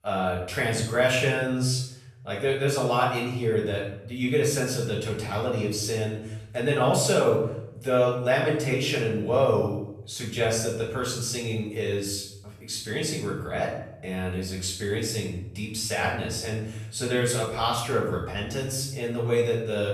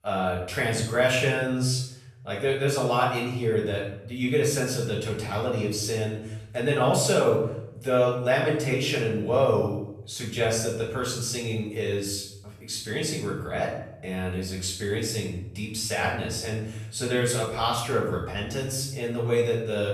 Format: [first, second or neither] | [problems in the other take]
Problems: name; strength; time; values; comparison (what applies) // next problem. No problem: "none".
neither | room echo; noticeable; dies away in 0.7 s; the same in both // off-mic speech; far; the same in both